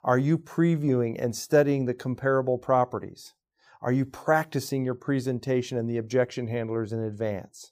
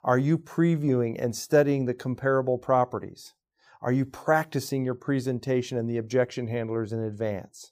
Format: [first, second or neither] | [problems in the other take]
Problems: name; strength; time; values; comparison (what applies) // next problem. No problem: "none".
neither | none